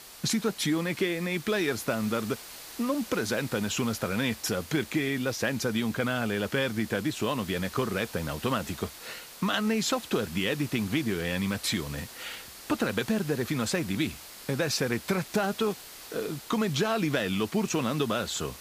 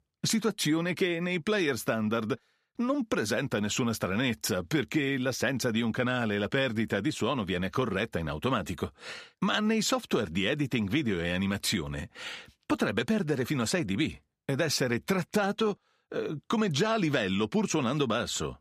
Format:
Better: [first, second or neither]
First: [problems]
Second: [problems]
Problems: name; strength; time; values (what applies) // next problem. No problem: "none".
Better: second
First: hiss; noticeable; throughout; 15 dB below the speech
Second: none